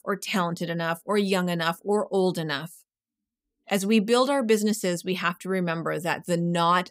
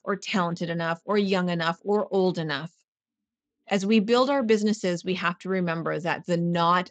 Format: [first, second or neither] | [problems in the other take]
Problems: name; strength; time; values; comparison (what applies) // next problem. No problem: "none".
first | garbled, watery; slightly; nothing above 7.5 kHz